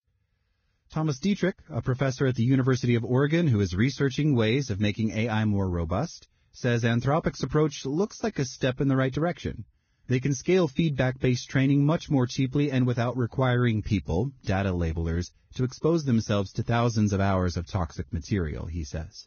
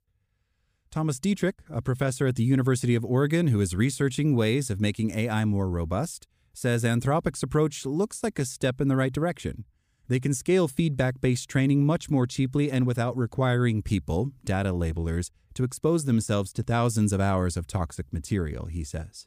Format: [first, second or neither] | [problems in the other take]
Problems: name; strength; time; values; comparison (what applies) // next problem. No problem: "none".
second | garbled, watery; badly; nothing above 6.5 kHz